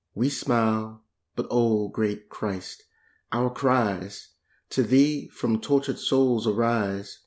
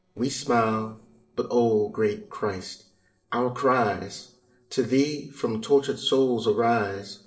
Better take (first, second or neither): first